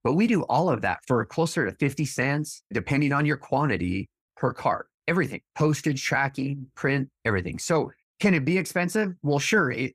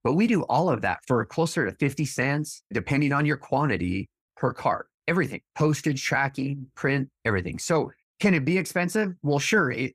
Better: neither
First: none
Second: none

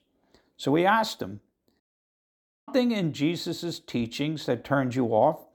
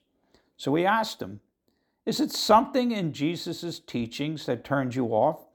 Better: second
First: audio cutting out; at 2 s for 1 s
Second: none

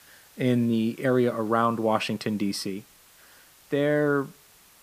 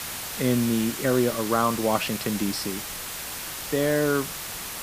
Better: first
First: hiss; faint; throughout; 25 dB below the speech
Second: hiss; loud; throughout; 6 dB below the speech

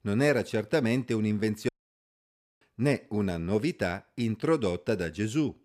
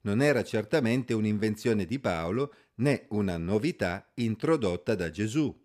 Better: second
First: audio cutting out; at 1.5 s for 1 s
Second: none

